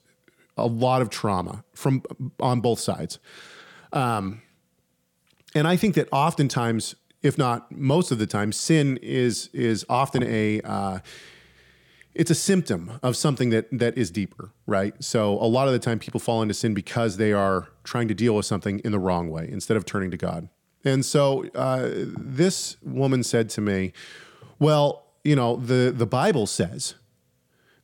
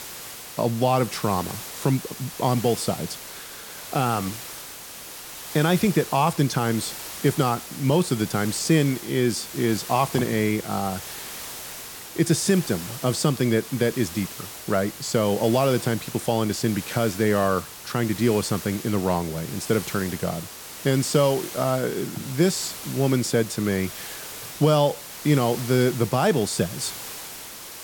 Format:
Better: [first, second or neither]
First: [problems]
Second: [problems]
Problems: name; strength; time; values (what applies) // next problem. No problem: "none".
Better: first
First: none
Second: hiss; noticeable; throughout; 10 dB below the speech